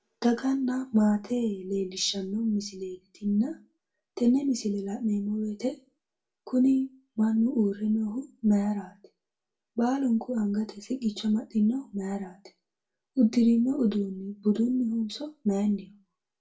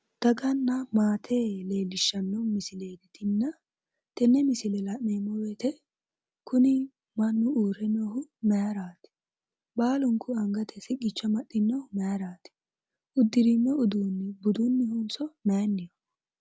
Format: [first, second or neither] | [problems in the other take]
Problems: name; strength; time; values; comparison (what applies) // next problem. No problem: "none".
second | room echo; dies away in 0.2 s